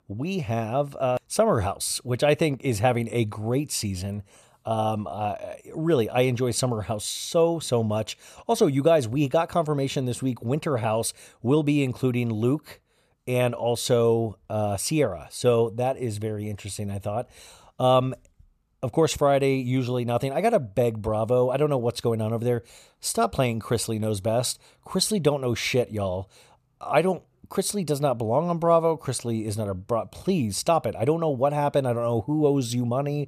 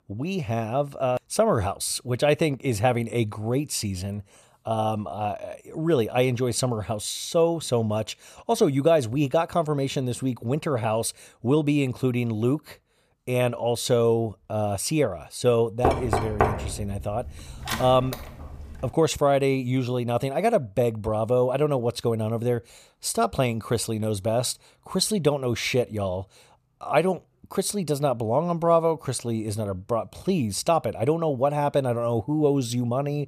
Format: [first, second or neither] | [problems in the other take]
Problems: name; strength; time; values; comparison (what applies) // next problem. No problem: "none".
first | door banging; loud; from 16 to 19 s; peak 1 dB above the speech